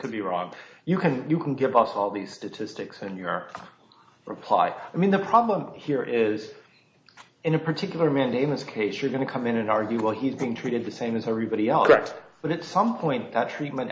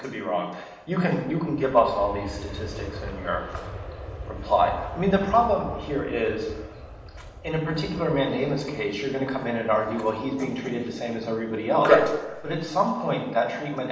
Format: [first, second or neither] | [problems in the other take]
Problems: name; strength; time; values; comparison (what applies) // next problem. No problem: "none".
first | background sound (Aircraft); 15 dB below the speech // room echo; dies away in 1.1 s